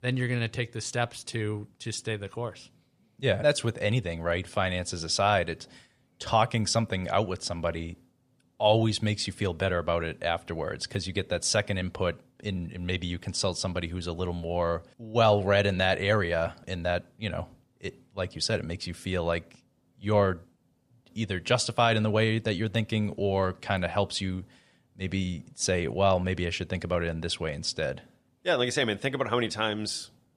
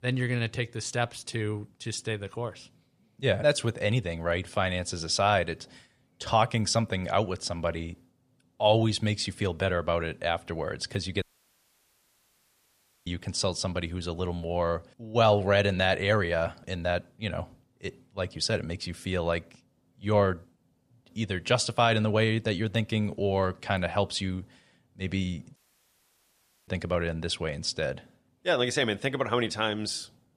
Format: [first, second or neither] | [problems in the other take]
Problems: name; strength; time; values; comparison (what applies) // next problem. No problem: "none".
first | audio cutting out; at 11 s for 2 s and at 26 s for 1 s